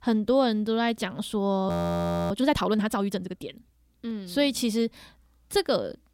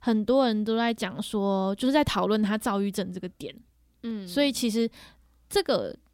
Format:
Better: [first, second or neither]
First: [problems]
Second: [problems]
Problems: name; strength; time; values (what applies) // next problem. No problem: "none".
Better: second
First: audio freezing; at 1.5 s for 0.5 s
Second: none